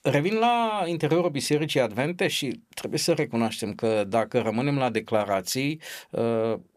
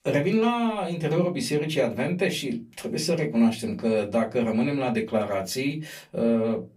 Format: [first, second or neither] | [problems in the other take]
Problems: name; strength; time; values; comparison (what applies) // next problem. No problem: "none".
first | off-mic speech; far // room echo; very slight; dies away in 0.2 s